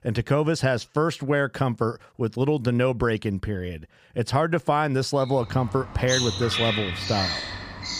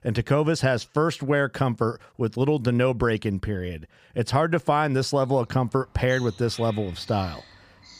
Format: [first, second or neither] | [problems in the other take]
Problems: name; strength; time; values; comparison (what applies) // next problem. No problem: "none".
second | animal sounds; loud; from 5.5 s on; 3 dB below the speech; faint in the second